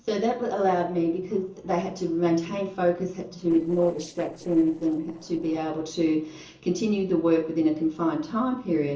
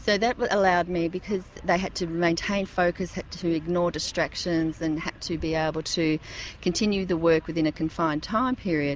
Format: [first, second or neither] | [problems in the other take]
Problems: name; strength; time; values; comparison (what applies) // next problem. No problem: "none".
second | noise reduction (neural separator model SepFormer DNS4)